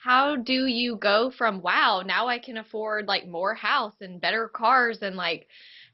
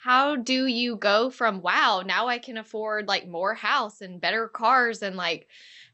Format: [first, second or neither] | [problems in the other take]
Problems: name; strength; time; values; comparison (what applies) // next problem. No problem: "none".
second | garbled, watery; badly; nothing above 5 kHz; slightly in the second